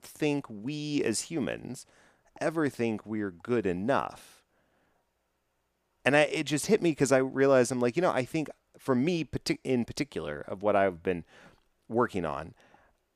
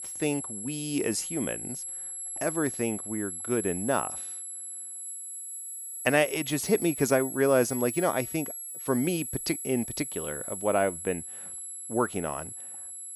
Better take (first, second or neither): first